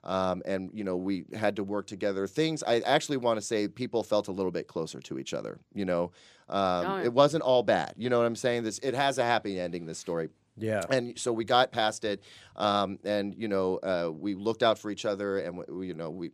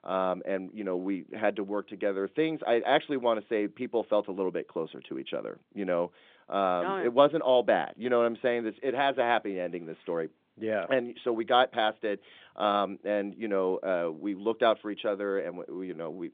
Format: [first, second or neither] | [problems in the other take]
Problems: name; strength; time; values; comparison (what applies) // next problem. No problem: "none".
first | phone-call audio